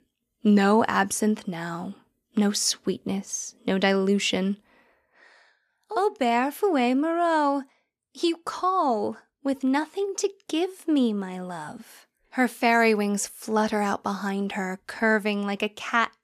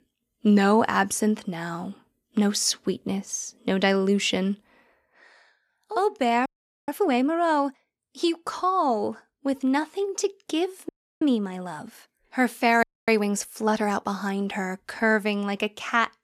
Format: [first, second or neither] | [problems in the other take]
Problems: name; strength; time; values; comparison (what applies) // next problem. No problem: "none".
first | audio freezing; at 6.5 s, at 11 s and at 13 s